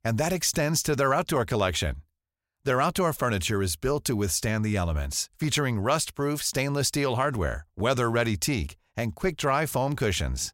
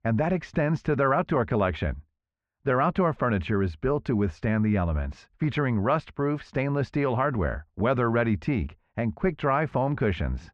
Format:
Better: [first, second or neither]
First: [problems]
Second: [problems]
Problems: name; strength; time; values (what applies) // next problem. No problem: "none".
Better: first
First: none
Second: muffled; very; fading above 2 kHz